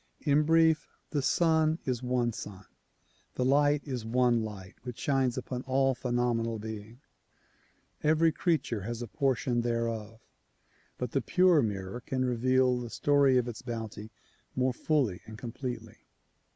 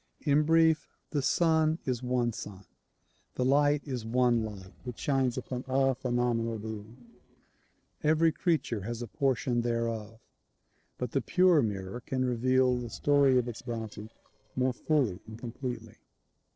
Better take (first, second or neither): first